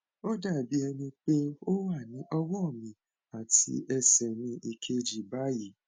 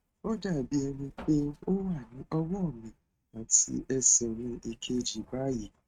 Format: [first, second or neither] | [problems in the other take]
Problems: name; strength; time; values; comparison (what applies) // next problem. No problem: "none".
first | noise reduction (neural mask model RNNoise)